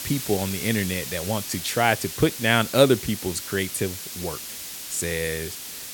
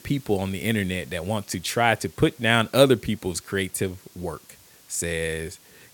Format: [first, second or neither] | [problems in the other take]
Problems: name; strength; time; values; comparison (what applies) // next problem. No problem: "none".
second | hiss; loud; throughout; 8 dB below the speech; faint in the second